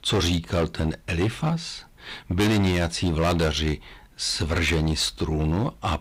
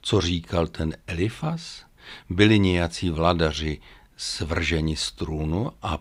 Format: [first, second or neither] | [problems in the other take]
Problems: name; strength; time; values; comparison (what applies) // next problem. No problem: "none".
second | distortion; heavy; 12% of the sound clipped